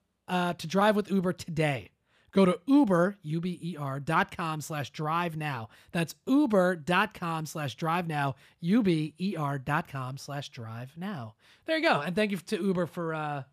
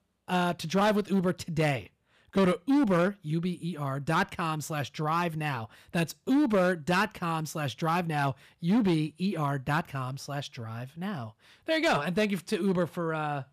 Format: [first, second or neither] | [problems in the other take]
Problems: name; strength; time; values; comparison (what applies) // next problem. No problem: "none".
first | distortion; slight; 5% of the sound clipped